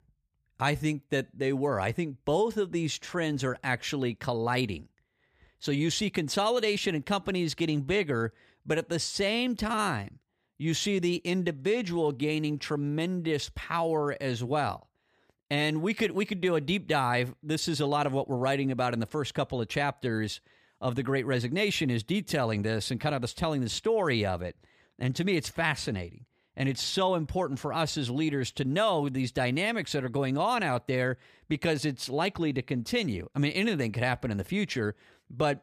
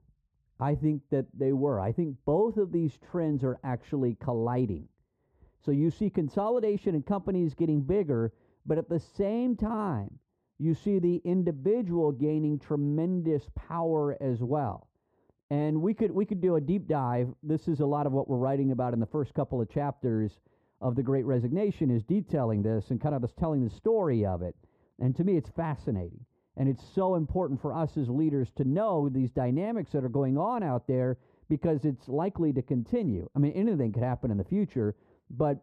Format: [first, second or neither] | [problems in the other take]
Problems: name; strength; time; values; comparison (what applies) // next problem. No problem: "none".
first | muffled; very; fading above 1.5 kHz